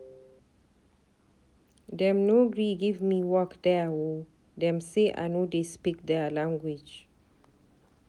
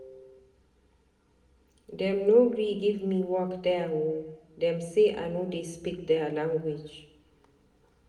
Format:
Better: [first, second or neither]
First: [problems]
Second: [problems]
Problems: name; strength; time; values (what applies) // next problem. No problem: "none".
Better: first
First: none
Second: room echo; dies away in 0.7 s